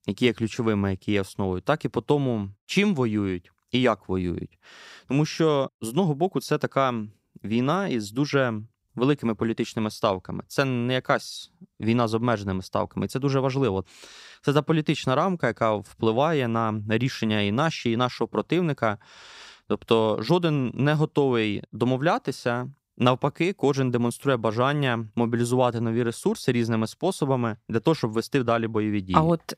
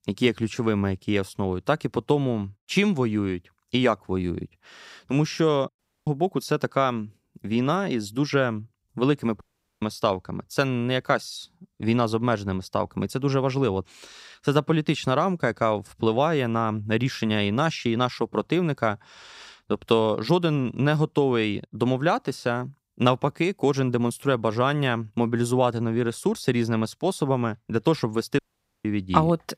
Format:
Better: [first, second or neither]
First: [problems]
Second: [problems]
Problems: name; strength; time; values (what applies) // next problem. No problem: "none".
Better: first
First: none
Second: audio cutting out; at 6 s, at 9.5 s and at 28 s